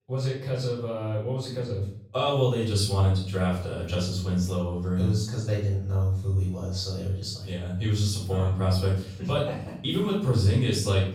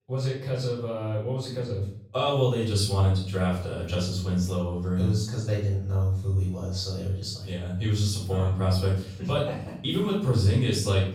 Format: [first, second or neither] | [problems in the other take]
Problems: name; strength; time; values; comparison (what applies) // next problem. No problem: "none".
neither | room echo; noticeable; dies away in 0.5 s; the same in both // off-mic speech; far; the same in both